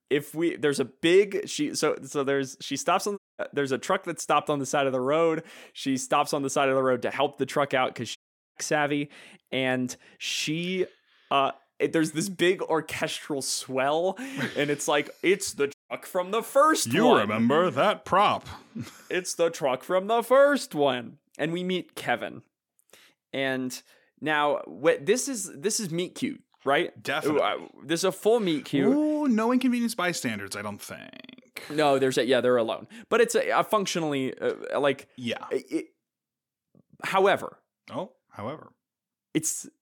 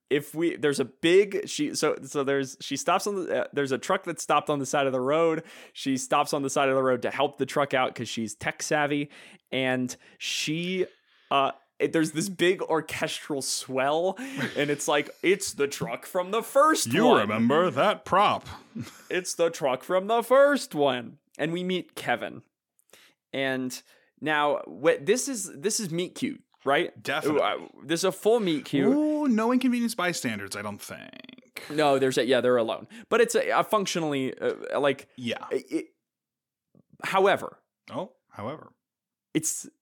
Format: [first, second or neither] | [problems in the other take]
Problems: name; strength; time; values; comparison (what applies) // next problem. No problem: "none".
second | audio cutting out; at 3 s, at 8 s and at 16 s